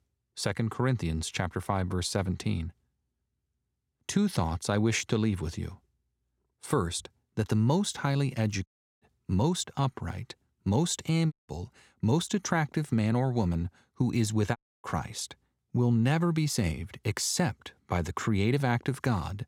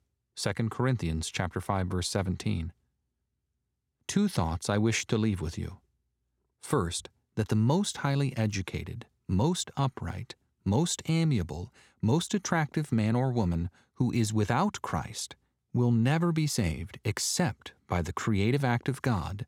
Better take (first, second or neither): second